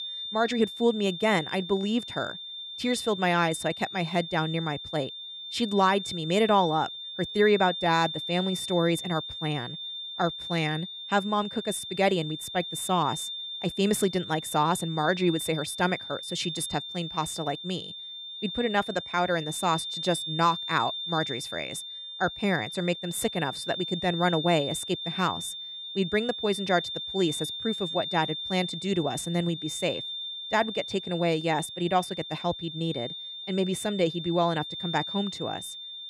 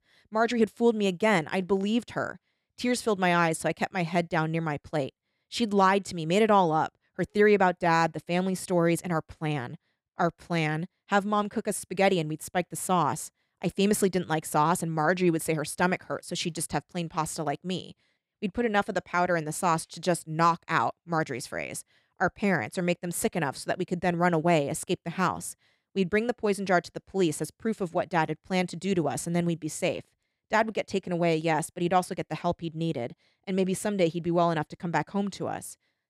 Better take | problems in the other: second | high-pitched whine; loud; throughout; 3.5 kHz, 7 dB below the speech

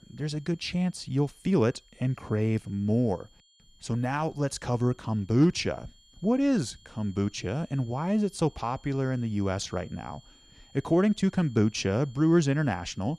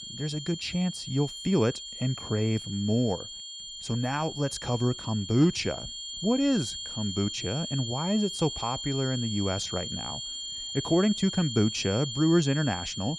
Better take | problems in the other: first | high-pitched whine; loud; throughout; 3 kHz, 7 dB below the speech; faint in the first

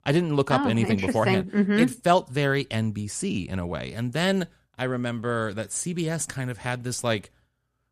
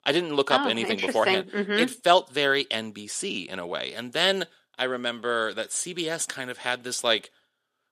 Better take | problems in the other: first | thin; somewhat; fading below 400 Hz

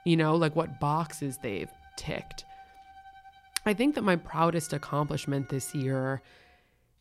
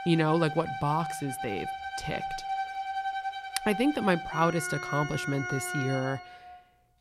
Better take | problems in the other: first | background music; loud; throughout; 6 dB below the speech; faint in the first

